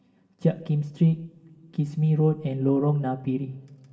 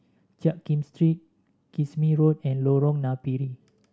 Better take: second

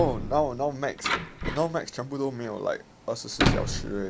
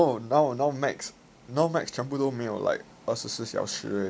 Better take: second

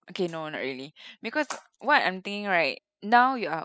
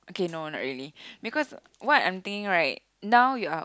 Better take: second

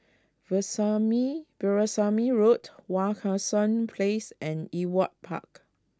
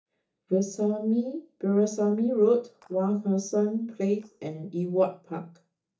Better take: first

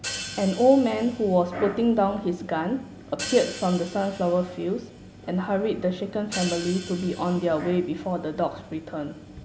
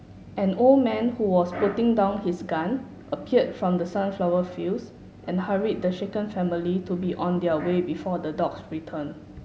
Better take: second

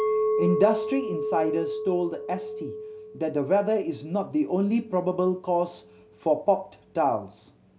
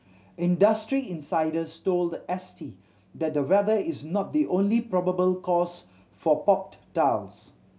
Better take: second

